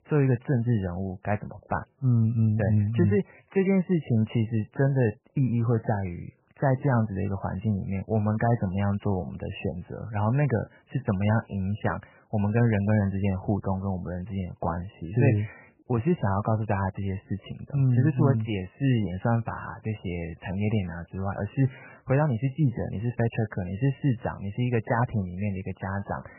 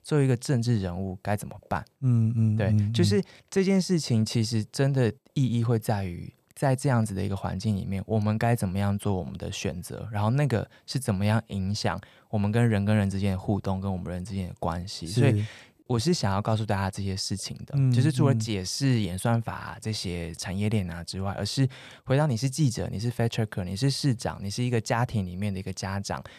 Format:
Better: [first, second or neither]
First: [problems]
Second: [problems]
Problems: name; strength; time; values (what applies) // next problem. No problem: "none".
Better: second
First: garbled, watery; badly; nothing above 3 kHz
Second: none